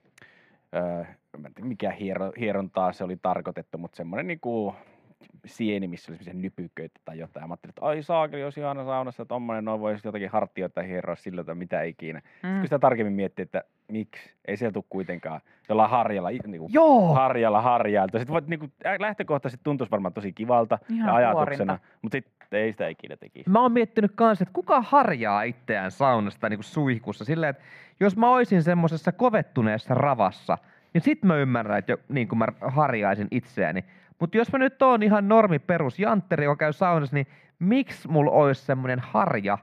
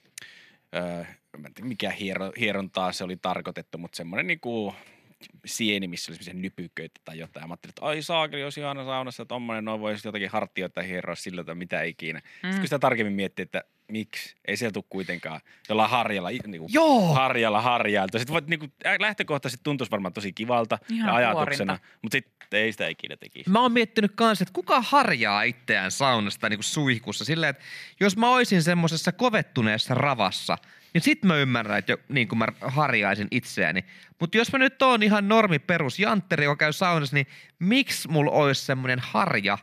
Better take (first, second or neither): second